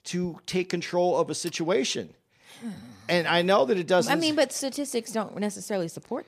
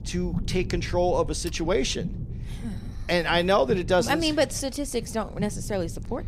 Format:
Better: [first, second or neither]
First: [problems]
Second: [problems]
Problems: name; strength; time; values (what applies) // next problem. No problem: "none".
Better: first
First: none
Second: low rumble; faint; throughout; 20 dB below the speech